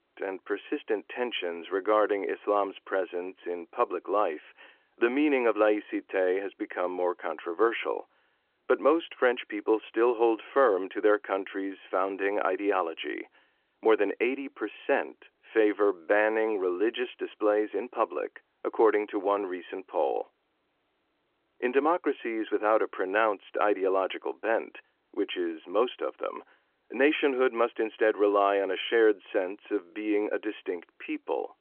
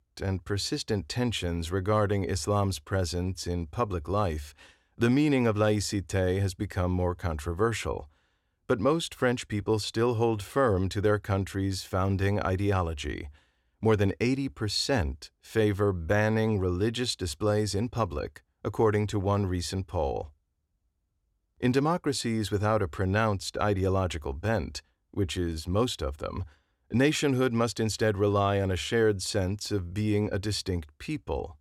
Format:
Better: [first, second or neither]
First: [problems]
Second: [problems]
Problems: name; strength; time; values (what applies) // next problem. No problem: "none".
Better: second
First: phone-call audio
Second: none